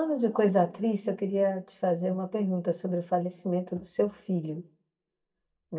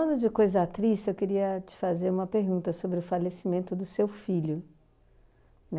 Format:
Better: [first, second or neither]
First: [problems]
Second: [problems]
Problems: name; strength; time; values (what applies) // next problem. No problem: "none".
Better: second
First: noise reduction (neural mask model DeepFilterNet 3)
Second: none